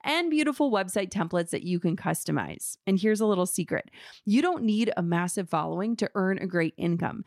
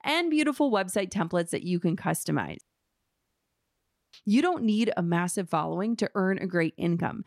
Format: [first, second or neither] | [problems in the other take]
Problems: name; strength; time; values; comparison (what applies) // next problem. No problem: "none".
first | audio cutting out; at 2.5 s for 1.5 s